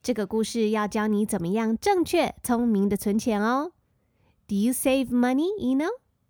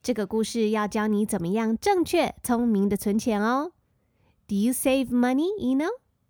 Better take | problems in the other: neither | none

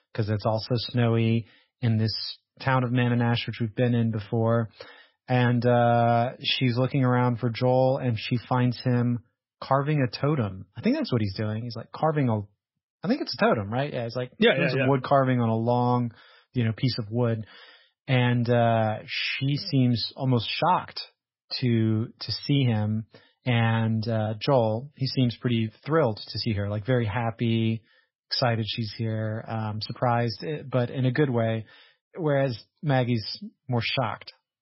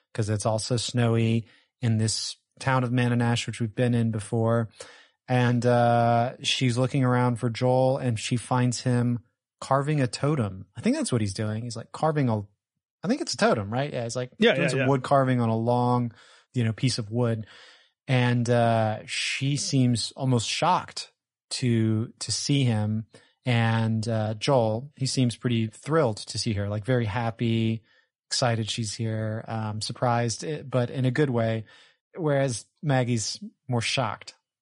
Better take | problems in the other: second | garbled, watery; badly; nothing above 5.5 kHz; slightly in the second

